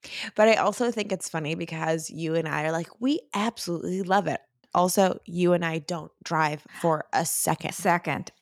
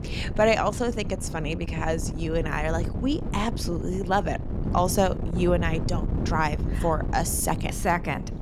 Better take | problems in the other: first | wind noise on the microphone; occasional gusts; 15 dB below the speech

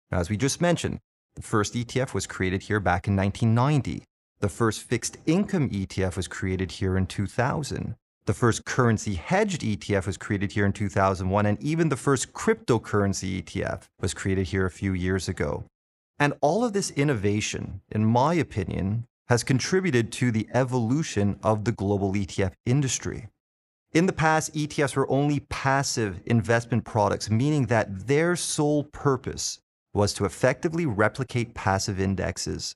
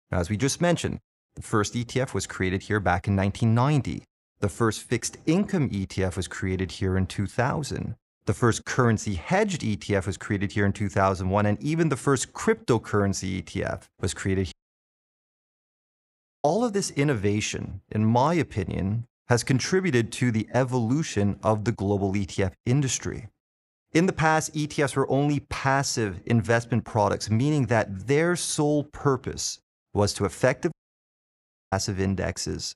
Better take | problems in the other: first | audio cutting out; at 15 s for 2 s and at 31 s for 1 s

